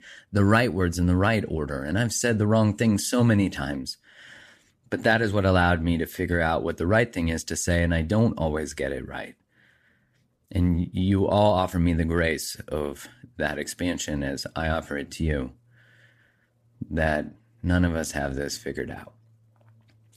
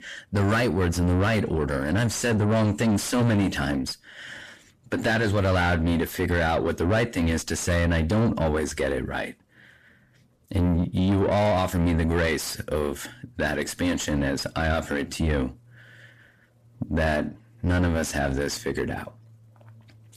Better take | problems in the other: first | distortion; heavy; 7 dB below the speech

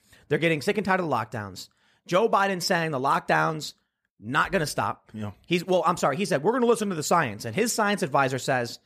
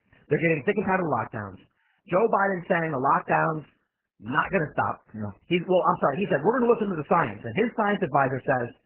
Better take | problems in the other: first | garbled, watery; badly; nothing above 3 kHz

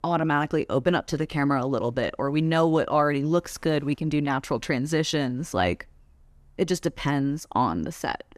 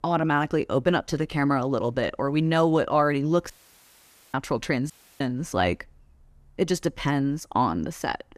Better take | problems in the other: first | audio cutting out; at 3.5 s for 1 s and at 5 s

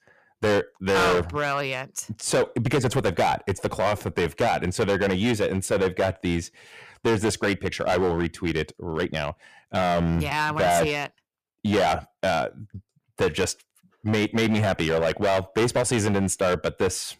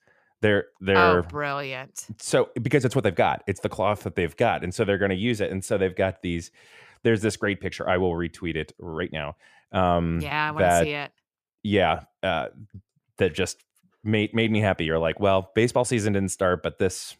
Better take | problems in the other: second | distortion; heavy; 12% of the sound clipped

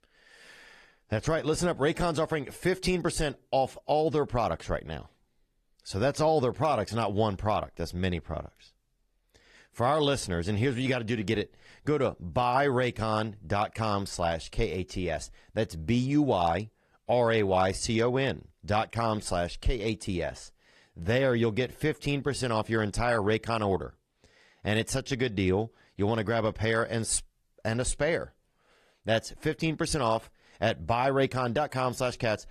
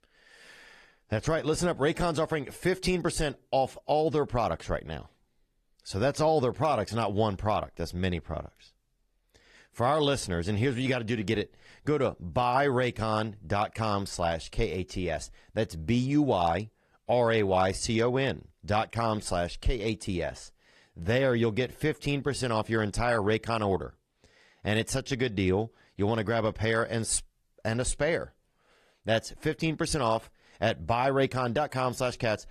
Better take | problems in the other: neither | garbled, watery; slightly; nothing above 14 kHz; the same in both

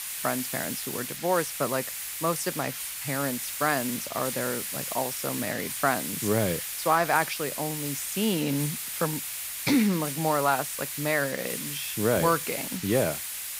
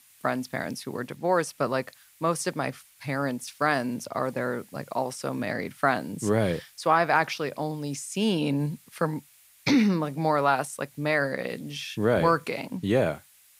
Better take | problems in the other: second | hiss; loud; throughout; 3 dB below the speech; faint in the second

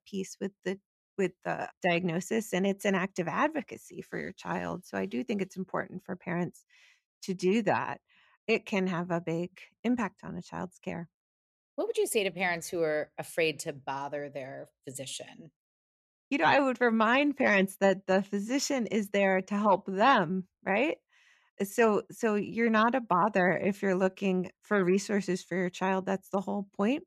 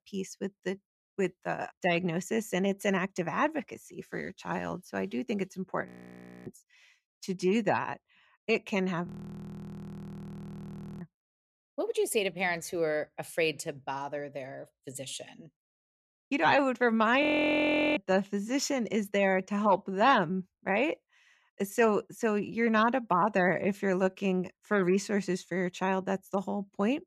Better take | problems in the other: first | audio freezing; at 6 s for 0.5 s, at 9 s for 2 s and at 17 s for 0.5 s

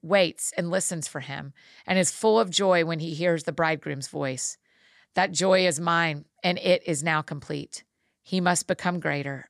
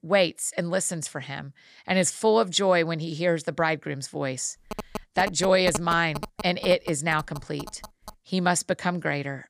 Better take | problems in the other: first | phone ringing; noticeable; from 4.5 to 8 s; peak 8 dB below the speech

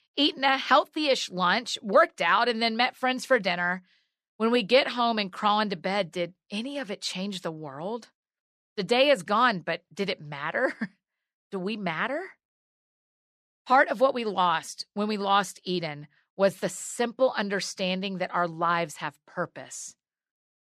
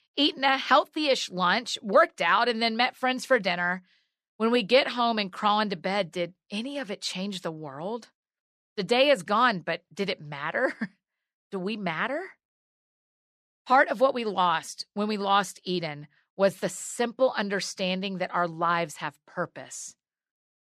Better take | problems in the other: neither | none

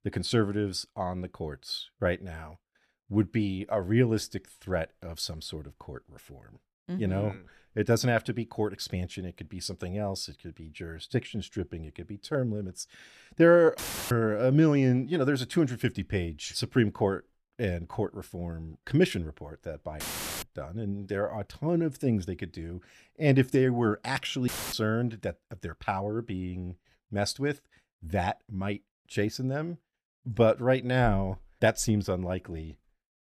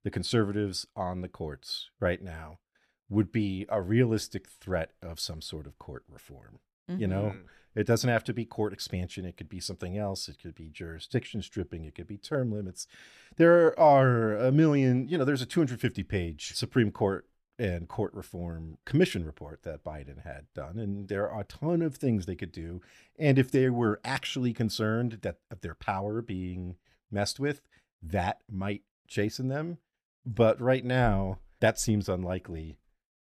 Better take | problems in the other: second | audio cutting out; filled with static; at 14 s, at 20 s and at 24 s

